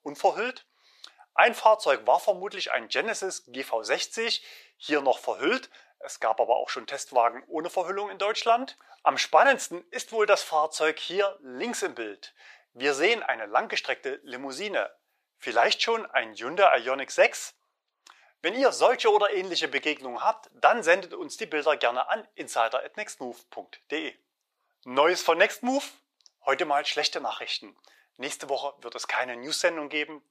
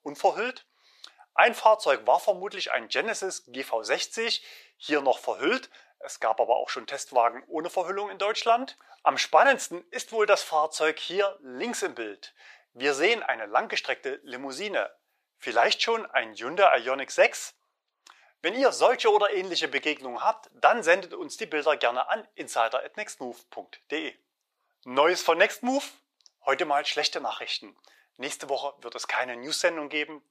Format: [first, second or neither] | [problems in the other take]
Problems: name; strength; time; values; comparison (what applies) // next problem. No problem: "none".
neither | thin; very; fading below 650 Hz; the same in both